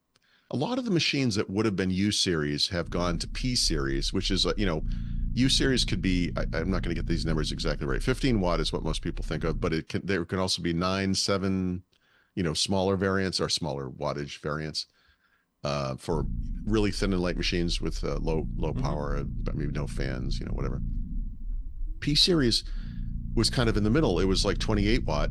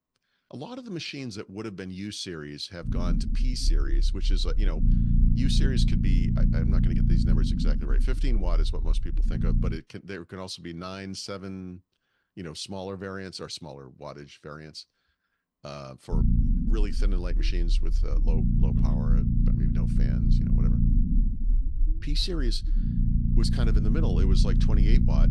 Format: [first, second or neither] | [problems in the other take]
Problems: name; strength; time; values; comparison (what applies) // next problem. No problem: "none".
first | low rumble; loud; from 3 to 9.5 s and from 16 s on; 1 dB below the speech; faint in the first